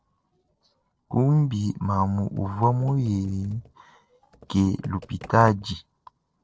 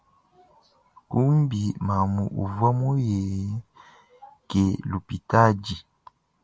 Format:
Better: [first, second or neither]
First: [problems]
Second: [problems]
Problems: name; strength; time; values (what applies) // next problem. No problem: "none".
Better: second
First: noise reduction (neural separator model SepFormer DNS4)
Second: none